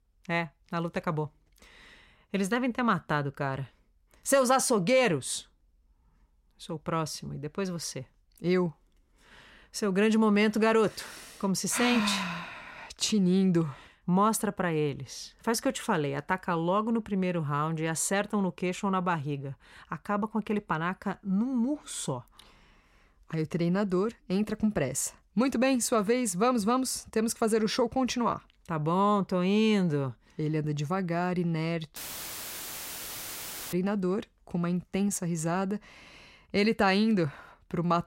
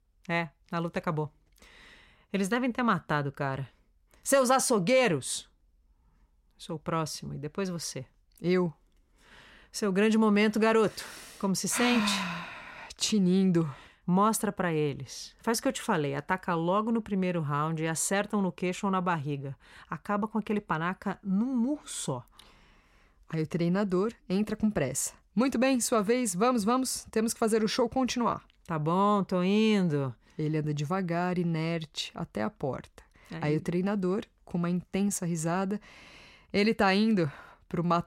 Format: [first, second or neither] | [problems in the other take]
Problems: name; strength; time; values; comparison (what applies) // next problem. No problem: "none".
second | audio cutting out; filled with static; at 32 s for 2 s